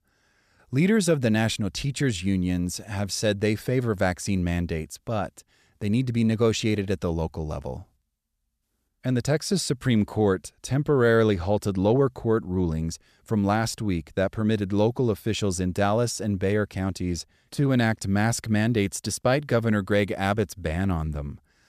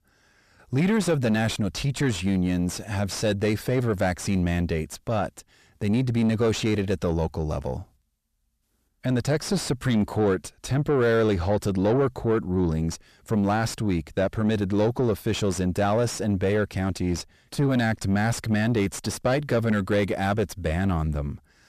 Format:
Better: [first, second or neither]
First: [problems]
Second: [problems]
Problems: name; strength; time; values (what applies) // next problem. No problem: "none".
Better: first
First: none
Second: distortion; slight; 9 dB below the speech